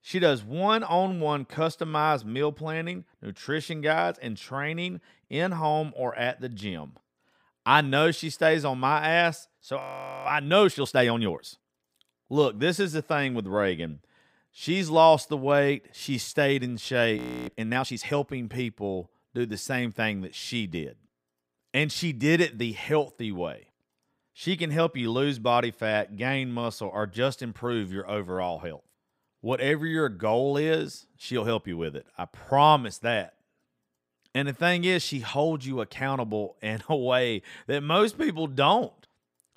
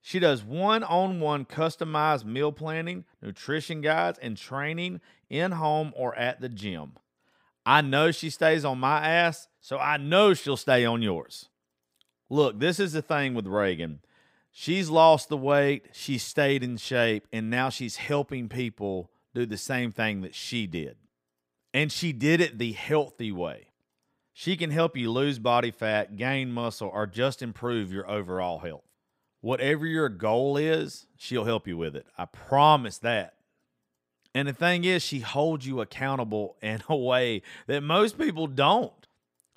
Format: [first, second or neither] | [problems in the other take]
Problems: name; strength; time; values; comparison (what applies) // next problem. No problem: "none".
second | audio freezing; at 10 s and at 17 s